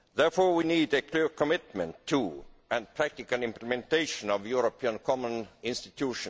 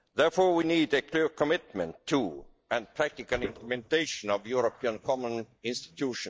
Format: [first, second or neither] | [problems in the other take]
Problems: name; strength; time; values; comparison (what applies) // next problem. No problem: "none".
first | noise reduction (neural mask model DeepFilterNet 3)